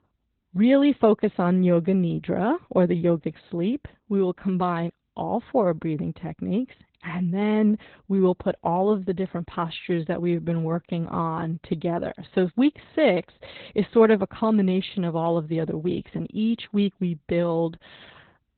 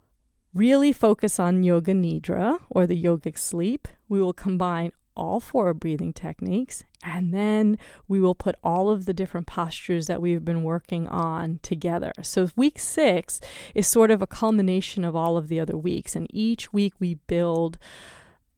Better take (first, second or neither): second